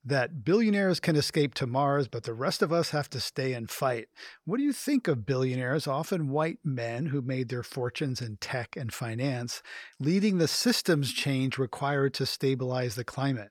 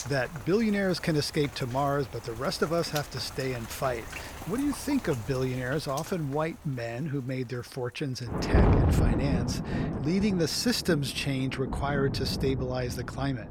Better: first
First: none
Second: rain or running water; loud; throughout; 2 dB below the speech

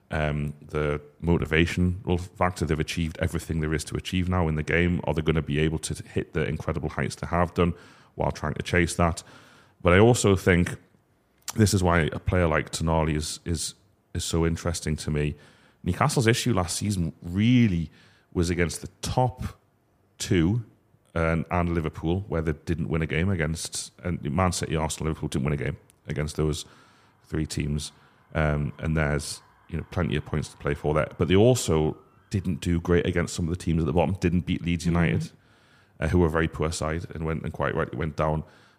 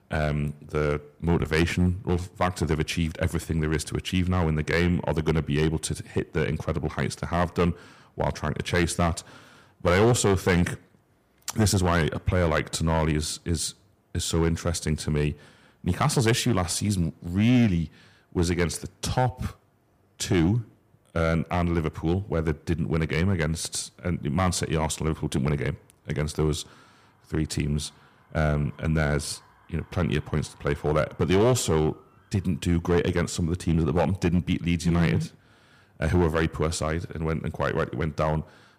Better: first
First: none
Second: distortion; slight; 2% of the sound clipped

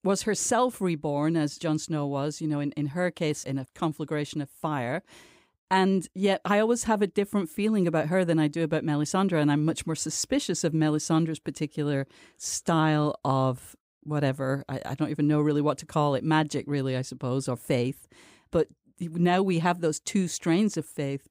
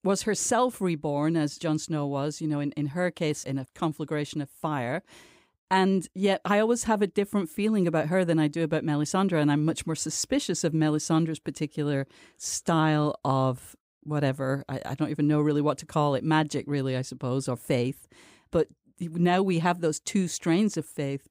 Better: neither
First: none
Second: none

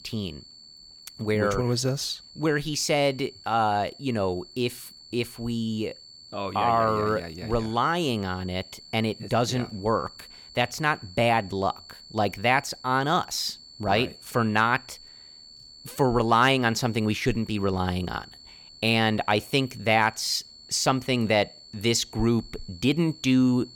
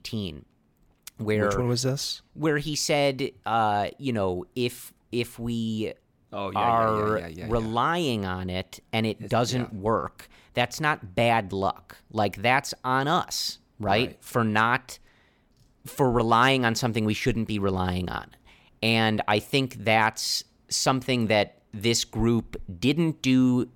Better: second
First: high-pitched whine; noticeable; throughout; 4.5 kHz, 20 dB below the speech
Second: none

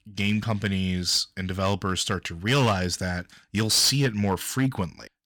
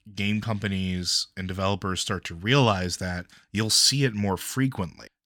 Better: second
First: distortion; slight; 4% of the sound clipped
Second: none

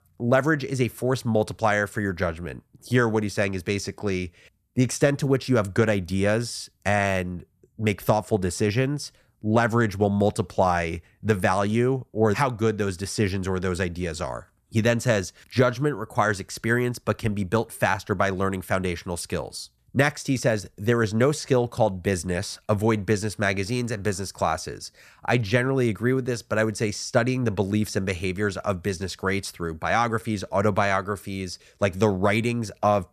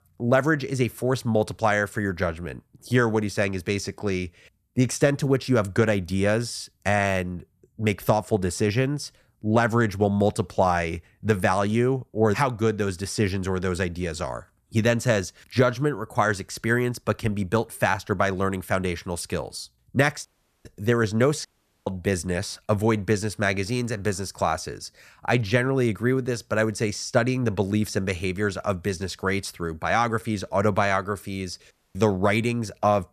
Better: first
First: none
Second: audio cutting out; at 20 s, at 21 s and at 32 s

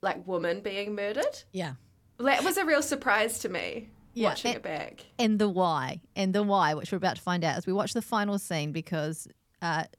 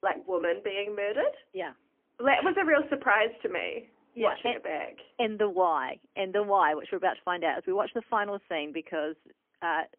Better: first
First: none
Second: phone-call audio; poor line; nothing above 3 kHz

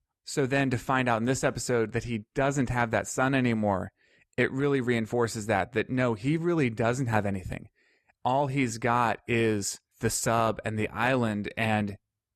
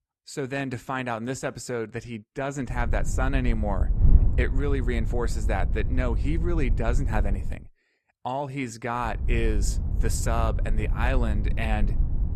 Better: first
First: none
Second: wind noise on the microphone; occasional gusts; from 3 to 7.5 s and from 9 s on; 15 dB below the speech

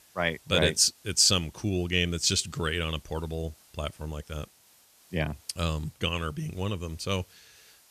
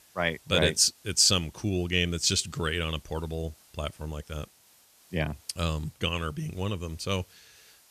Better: neither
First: hiss; faint; throughout; 30 dB below the speech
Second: hiss; faint; throughout; 30 dB below the speech

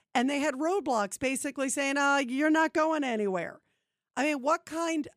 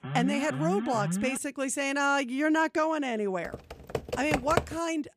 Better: first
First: none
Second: alarm; noticeable; until 1.5 s; peak 4 dB below the speech // keyboard typing; noticeable; from 3.5 to 4.5 s; peak 1 dB below the speech

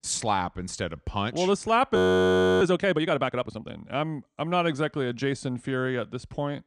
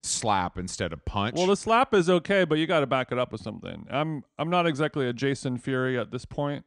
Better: second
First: audio freezing; at 2 s for 0.5 s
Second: none

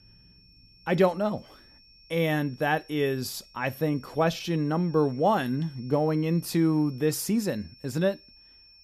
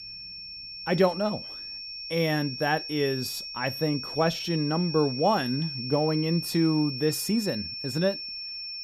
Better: first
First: high-pitched whine; faint; throughout; 5.5 kHz, 25 dB below the speech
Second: high-pitched whine; loud; throughout; 5.5 kHz, 7 dB below the speech

